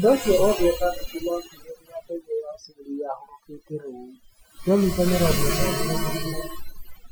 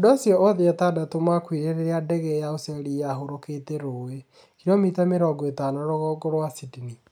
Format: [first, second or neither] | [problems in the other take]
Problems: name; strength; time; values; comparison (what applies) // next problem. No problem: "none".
second | noise reduction (classical method Wiener filter)